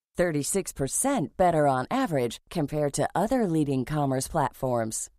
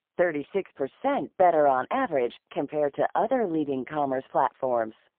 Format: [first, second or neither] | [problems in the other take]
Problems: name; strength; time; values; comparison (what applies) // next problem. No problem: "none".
first | phone-call audio; poor line